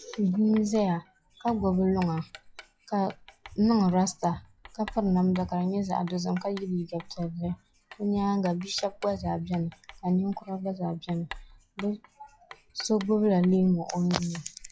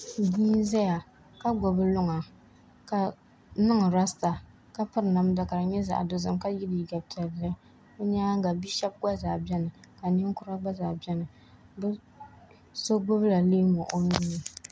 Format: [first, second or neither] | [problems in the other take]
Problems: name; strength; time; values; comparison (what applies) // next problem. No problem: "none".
second | noise reduction (classical method log-MMSE)